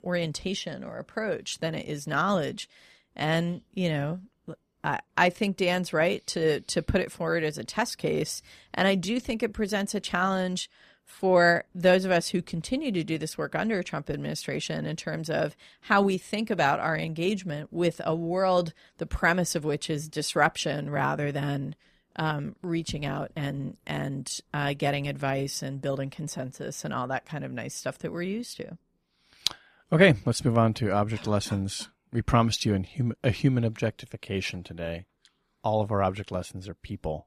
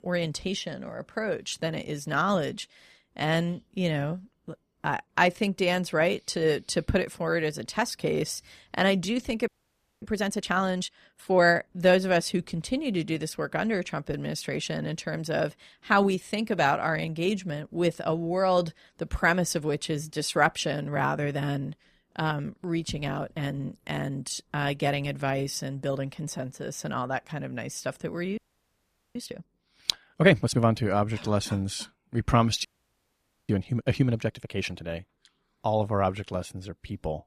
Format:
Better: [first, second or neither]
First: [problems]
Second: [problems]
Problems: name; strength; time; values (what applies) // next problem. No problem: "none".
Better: first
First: none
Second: audio freezing; at 9.5 s for 0.5 s, at 28 s for 1 s and at 33 s for 1 s